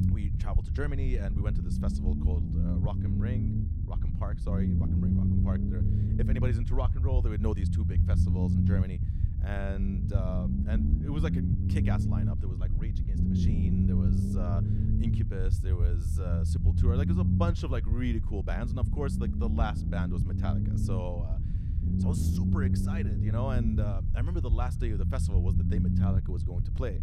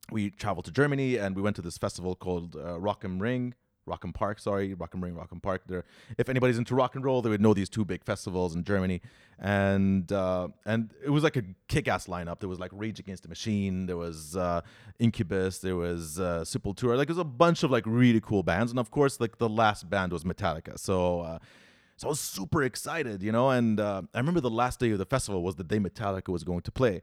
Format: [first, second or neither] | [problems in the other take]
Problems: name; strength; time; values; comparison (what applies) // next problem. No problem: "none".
second | low rumble; loud; throughout; as loud as the speech